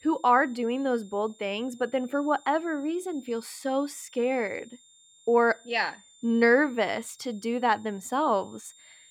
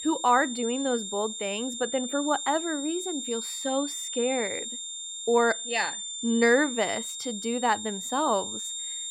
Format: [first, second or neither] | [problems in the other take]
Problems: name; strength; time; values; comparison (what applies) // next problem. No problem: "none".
first | high-pitched whine; loud; throughout; 7 kHz, 5 dB below the speech; faint in the first